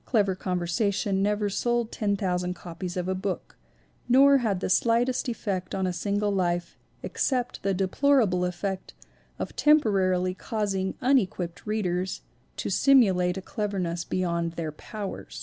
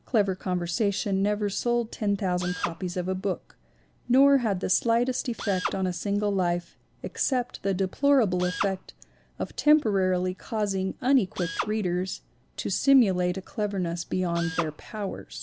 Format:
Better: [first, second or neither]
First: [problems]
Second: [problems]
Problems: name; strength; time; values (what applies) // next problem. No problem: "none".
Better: first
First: none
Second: background sound (Drill); 15 dB below the speech